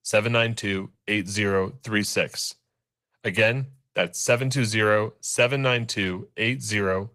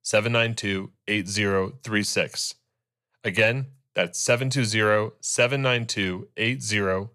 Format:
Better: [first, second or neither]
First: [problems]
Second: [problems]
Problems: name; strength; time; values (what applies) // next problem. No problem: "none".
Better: second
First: garbled, watery; slightly; nothing above 15.5 kHz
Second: none